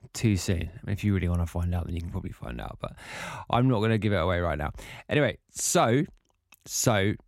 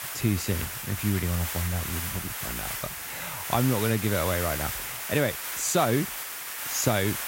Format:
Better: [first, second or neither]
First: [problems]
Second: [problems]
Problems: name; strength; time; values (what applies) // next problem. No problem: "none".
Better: first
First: none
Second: hiss; loud; throughout; 3 dB below the speech